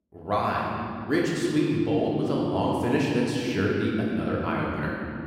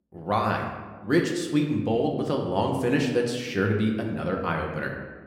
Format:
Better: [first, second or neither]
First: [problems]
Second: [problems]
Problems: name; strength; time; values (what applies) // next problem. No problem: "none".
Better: second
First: room echo; strong; dies away in 3 s // off-mic speech; far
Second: room echo; slight; dies away in 1 s // off-mic speech; somewhat distant